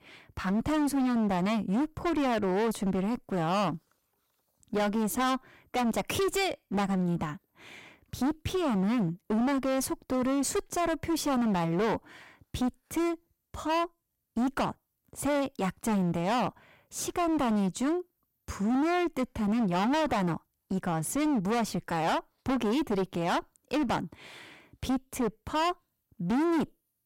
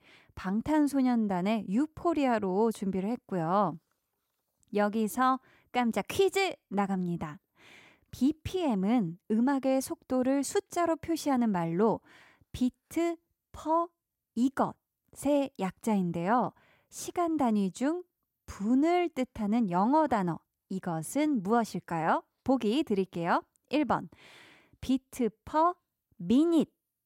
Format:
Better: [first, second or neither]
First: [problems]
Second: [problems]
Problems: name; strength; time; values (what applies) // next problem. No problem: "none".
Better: second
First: distortion; heavy; 23% of the sound clipped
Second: none